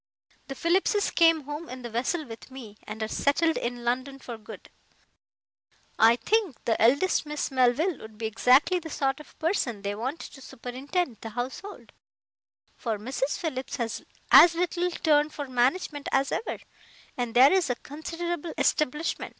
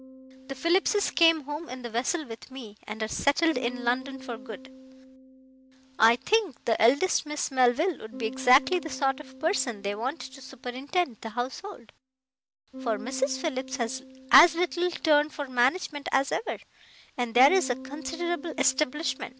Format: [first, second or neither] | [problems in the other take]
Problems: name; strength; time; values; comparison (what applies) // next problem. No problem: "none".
first | background sound (Bass guitar); 17 dB below the speech